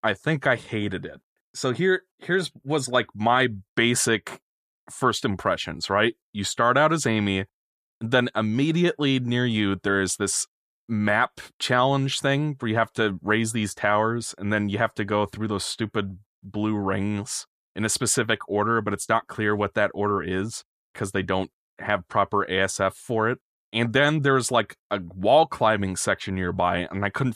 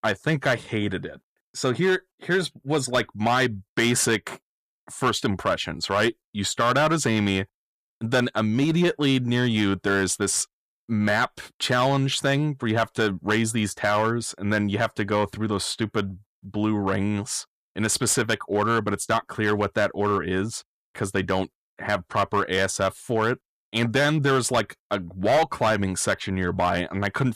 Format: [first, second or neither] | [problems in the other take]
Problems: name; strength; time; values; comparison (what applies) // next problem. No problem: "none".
first | distortion; slight; 5% of the sound clipped